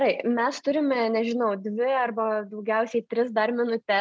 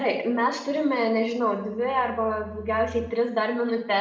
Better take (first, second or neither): first